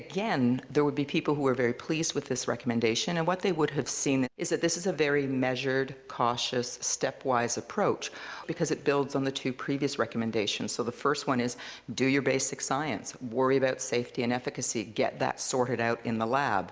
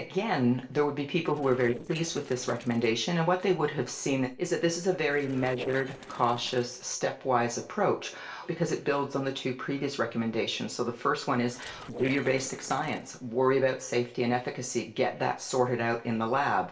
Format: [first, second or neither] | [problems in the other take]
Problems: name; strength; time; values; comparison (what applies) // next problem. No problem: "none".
first | noise reduction (neural separator model SepFormer DNS4)